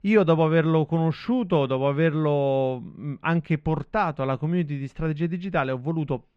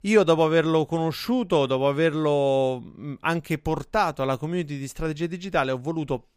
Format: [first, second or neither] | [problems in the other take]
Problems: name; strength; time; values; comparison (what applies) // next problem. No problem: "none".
second | muffled; slightly; fading above 2.5 kHz